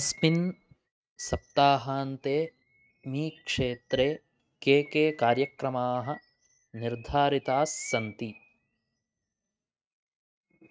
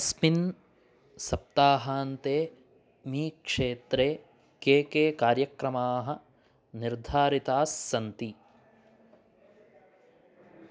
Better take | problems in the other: second | noise reduction (neural mask model RNNoise)

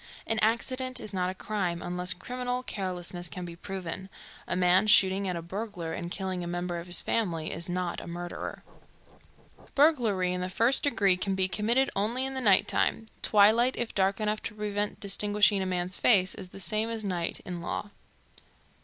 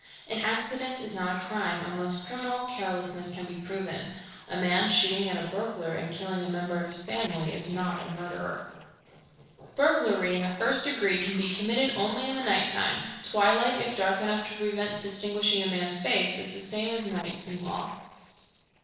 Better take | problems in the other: first | noise reduction (neural separator model SepFormer DNS4)

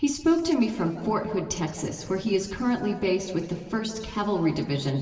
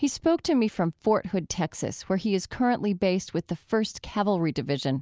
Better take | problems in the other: second | room echo; dies away in 2 s

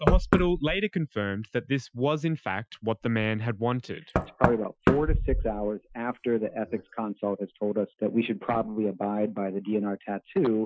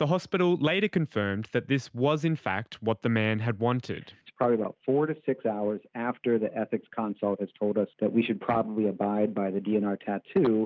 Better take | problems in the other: second | noise reduction (classical method Wiener filter)

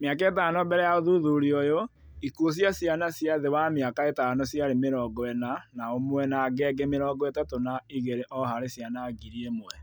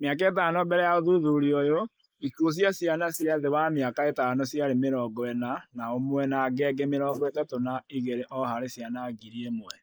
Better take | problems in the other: first | noise reduction (neural mask model Resemble Enhance denoiser)

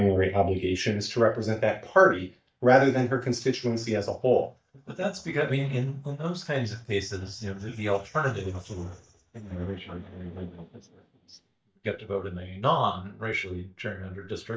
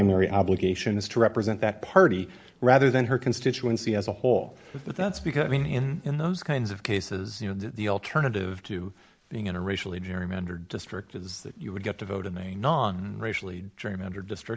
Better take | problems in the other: second | noise reduction (neural mask model DeepFilterNet 3)

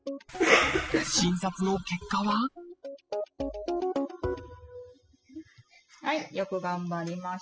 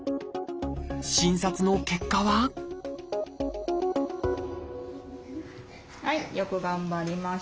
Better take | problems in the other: second | noise reduction (classical method spectral subtraction)

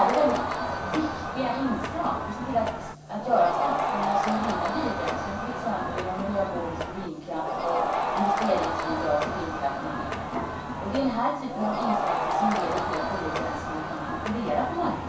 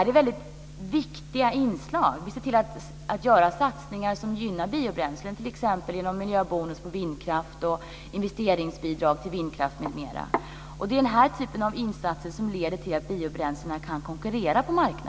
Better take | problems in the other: second | background sound (Crowd); as loud as the speech // room echo; dies away in 0.7 s

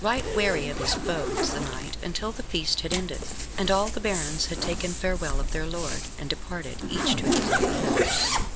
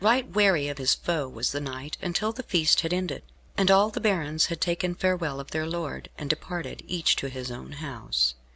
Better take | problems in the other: second | background sound (Zipper (clothing)); 2 dB above the speech

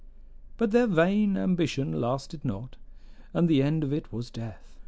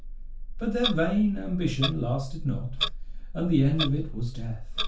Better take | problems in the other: first | background sound (Clock); 10 dB below the speech // room echo; dies away in 0.3 s

